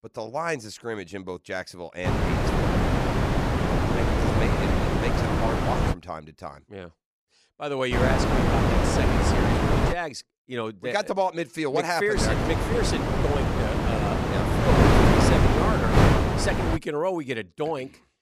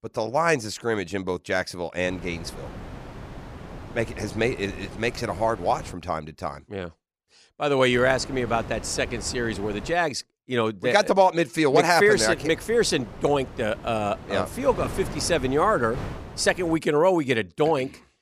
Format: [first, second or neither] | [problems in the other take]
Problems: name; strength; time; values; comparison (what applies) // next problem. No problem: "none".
second | wind noise on the microphone; heavy; from 2 to 6 s, from 8 to 10 s and from 12 to 17 s; 4 dB above the speech; occasional gusts in the second